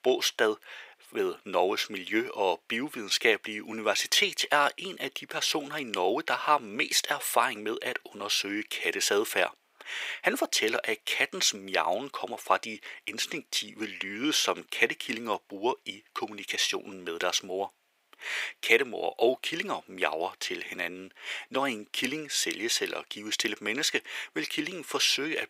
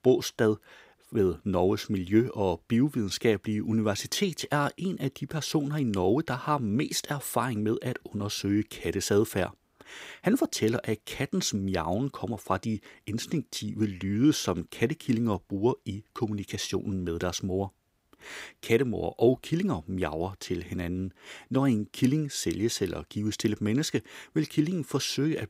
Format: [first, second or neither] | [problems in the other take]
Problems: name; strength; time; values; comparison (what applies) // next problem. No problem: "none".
second | thin; very; fading below 650 Hz